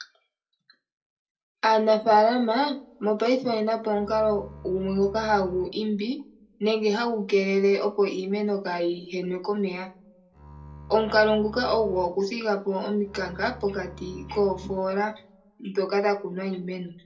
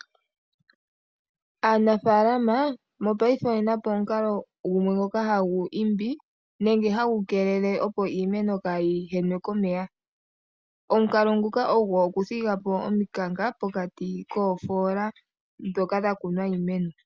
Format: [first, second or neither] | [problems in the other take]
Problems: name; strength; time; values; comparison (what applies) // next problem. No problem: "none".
second | background sound (Bowed string instrument); 18 dB below the speech // room echo; dies away in 0.2 s